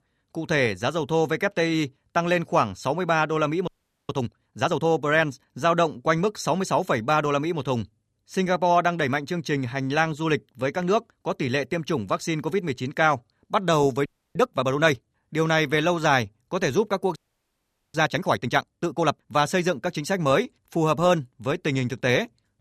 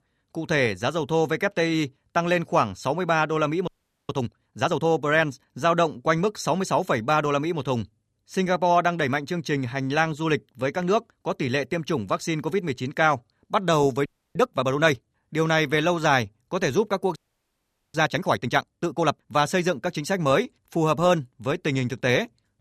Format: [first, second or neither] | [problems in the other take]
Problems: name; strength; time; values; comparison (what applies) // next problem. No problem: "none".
neither | audio freezing; at 3.5 s, at 14 s and at 17 s for 1 s; the same in both